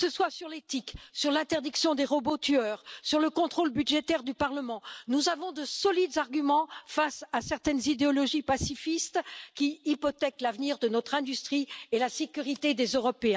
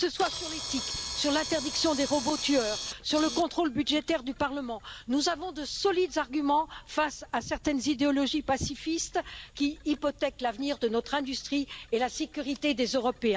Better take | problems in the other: first | background sound (Camera); 12 dB below the speech

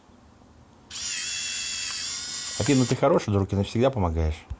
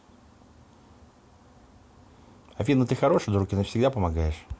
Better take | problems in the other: second | background sound (Camera); 5 dB below the speech

